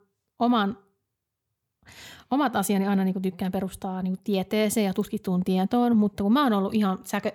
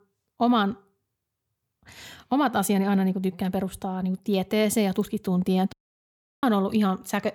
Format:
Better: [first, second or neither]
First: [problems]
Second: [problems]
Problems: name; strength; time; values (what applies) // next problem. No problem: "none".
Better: first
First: none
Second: audio cutting out; at 5.5 s for 0.5 s